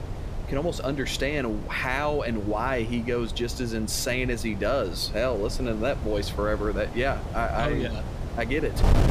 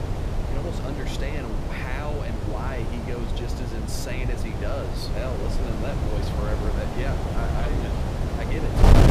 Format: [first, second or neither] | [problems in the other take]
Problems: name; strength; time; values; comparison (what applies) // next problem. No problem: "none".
first | wind noise on the microphone; heavy; 2 dB above the speech; occasional gusts in the first